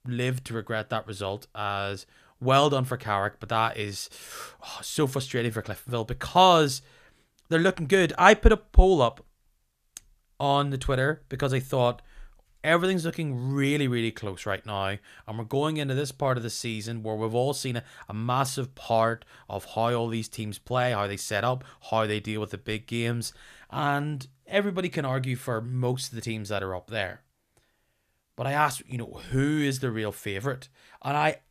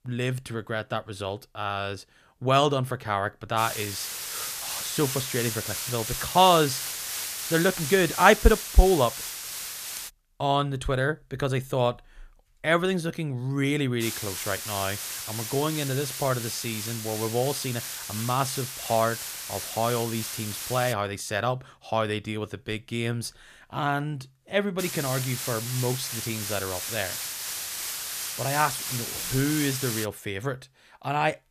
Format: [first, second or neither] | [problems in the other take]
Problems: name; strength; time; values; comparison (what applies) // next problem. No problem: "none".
first | hiss; loud; from 3.5 to 10 s, from 14 to 21 s and from 25 to 30 s; 5 dB below the speech